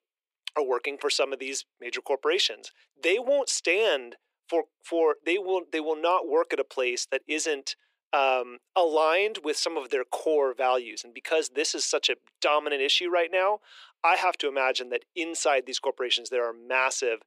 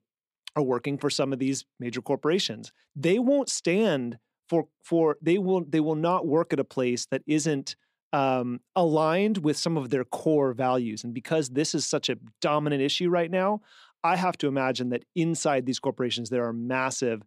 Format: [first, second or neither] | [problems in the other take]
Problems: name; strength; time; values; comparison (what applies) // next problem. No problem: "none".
second | thin; very; fading below 400 Hz